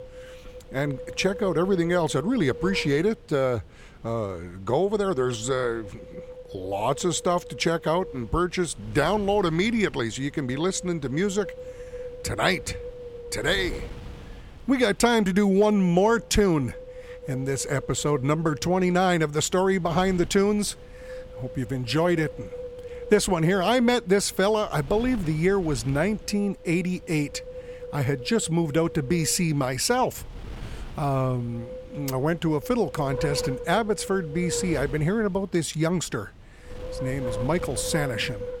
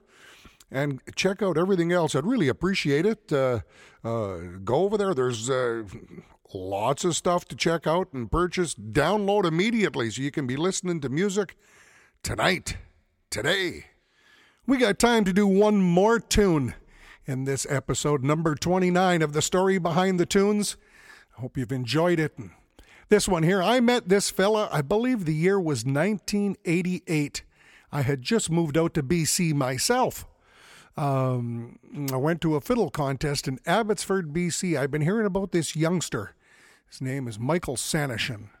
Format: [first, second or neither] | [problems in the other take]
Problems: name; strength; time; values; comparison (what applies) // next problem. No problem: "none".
second | wind noise on the microphone; occasional gusts; 15 dB below the speech